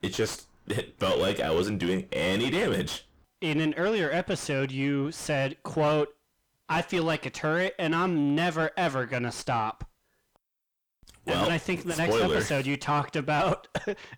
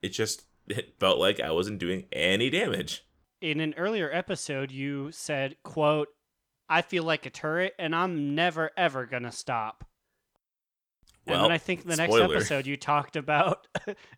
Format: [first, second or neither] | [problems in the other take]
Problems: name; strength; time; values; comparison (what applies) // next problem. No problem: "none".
second | distortion; heavy; 5 dB below the speech